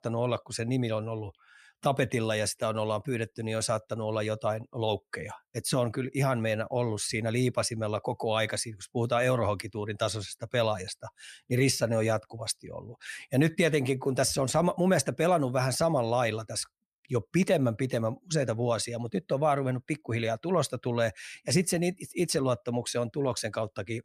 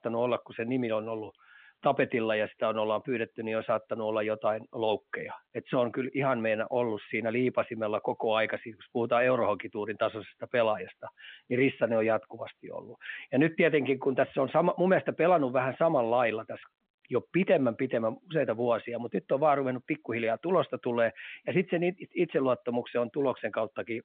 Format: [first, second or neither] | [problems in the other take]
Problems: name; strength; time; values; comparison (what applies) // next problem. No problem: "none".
first | phone-call audio; nothing above 3.5 kHz